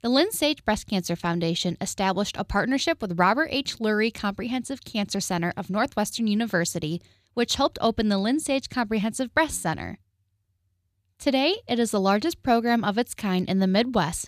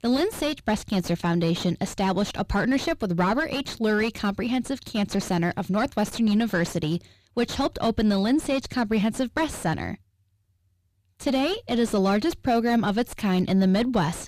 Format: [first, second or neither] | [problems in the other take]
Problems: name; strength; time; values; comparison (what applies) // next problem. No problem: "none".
first | distortion; heavy; 7 dB below the speech